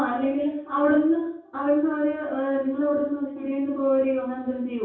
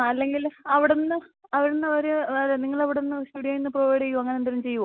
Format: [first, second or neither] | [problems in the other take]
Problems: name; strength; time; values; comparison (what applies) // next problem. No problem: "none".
second | room echo; dies away in 0.6 s